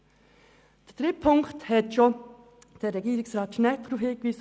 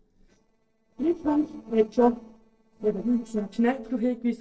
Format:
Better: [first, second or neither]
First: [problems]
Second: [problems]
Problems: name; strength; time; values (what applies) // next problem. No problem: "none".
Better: first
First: none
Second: noise reduction (neural separator model SepFormer DNS4)